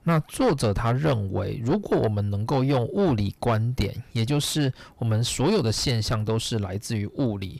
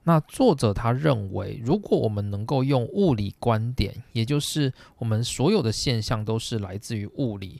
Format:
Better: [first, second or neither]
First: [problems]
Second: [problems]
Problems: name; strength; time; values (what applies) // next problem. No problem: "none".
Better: second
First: distortion; heavy; 7 dB below the speech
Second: none